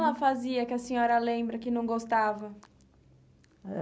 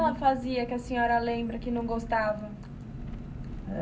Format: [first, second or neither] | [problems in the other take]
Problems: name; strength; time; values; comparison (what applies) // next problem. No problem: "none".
first | background sound (Engine); 10 dB below the speech // room echo; dies away in 0.4 s